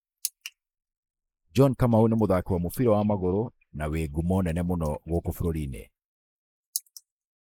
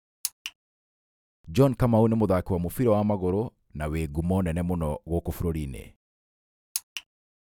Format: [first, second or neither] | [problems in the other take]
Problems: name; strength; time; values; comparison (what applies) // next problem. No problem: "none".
second | noise reduction (neural mask model Resemble Enhance denoiser)